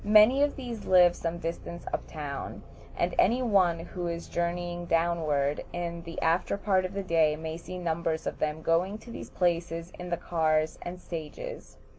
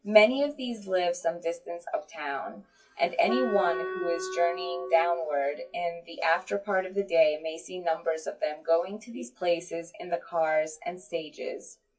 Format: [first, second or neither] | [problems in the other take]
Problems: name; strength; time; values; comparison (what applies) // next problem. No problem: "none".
first | noise reduction (classical method WPE with log-MMSE)